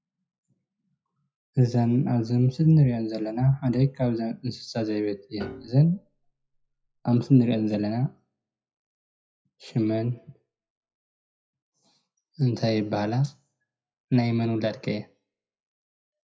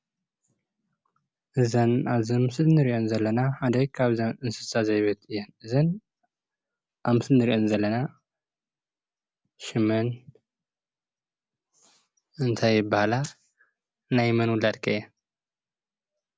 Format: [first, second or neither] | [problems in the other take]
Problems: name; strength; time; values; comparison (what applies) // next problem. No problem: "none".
second | noise reduction (classical method WPE with log-MMSE)